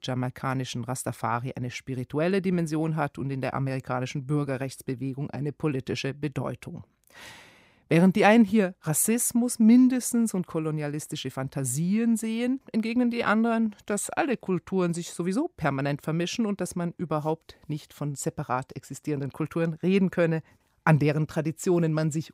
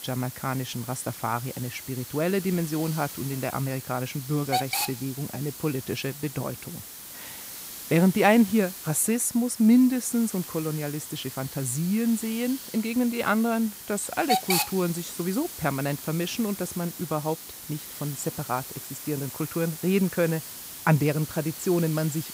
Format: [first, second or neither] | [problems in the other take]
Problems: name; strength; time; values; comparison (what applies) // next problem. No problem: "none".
first | hiss; loud; throughout; 8 dB below the speech